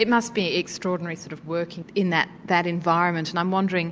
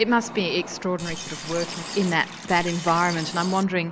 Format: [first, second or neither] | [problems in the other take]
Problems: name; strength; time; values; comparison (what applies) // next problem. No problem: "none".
first | background sound (Liquid); 12 dB below the speech